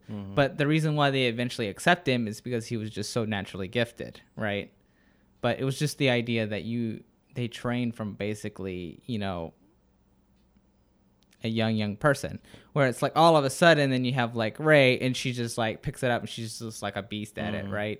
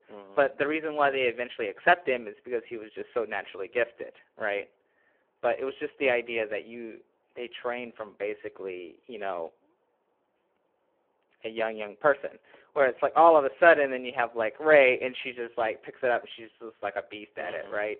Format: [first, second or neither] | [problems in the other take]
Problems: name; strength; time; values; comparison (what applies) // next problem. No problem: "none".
first | phone-call audio; poor line